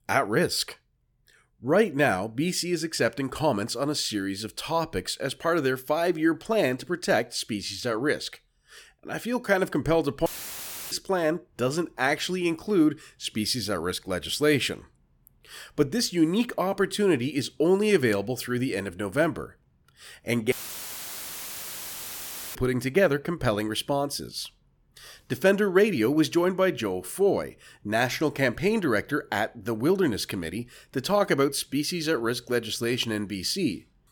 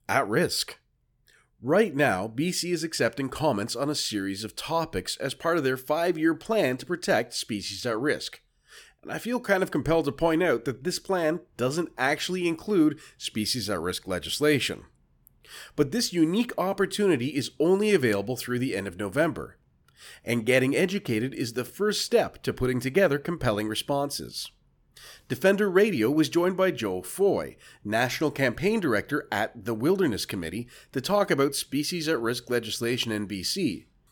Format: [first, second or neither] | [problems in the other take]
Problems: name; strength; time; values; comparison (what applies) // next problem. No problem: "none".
second | audio cutting out; filled with static; at 10 s for 0.5 s and at 21 s for 2 s